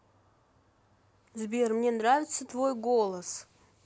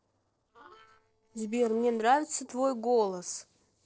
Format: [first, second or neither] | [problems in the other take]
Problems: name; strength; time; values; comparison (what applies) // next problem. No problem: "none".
first | noise reduction (neural separator model SepFormer DNS4)